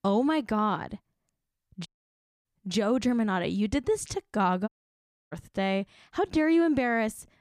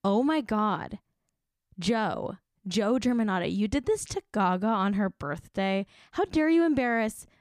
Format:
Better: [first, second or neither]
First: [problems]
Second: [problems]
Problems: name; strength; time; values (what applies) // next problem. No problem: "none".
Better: second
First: audio cutting out; at 2 s for 0.5 s and at 4.5 s for 0.5 s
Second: none